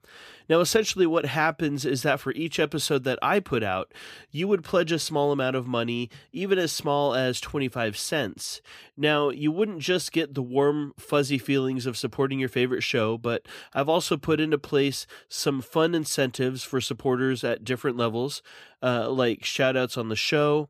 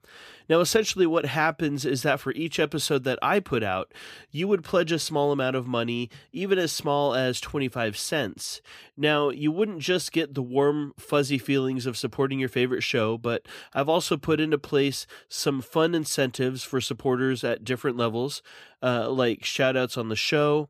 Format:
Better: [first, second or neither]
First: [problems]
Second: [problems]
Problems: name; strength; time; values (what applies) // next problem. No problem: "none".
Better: neither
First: none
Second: none